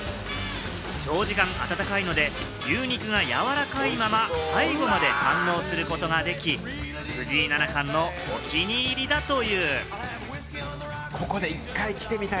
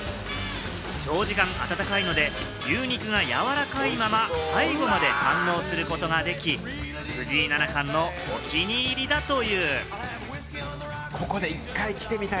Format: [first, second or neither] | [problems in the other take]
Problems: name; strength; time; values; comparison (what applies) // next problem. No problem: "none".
first | background sound (Glass); 14 dB below the speech